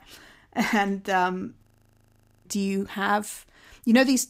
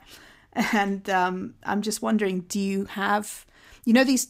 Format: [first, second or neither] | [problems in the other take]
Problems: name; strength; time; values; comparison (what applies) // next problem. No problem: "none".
second | audio freezing; at 1.5 s for 1 s